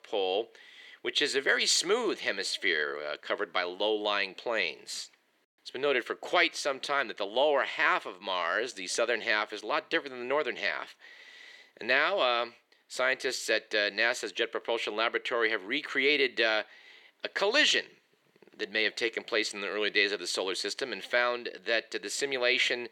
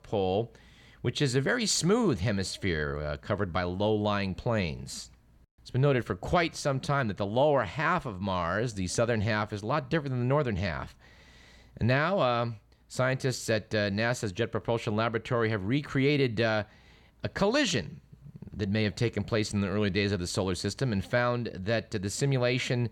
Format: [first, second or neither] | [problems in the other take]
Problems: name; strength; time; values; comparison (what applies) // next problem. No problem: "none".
second | thin; very; fading below 350 Hz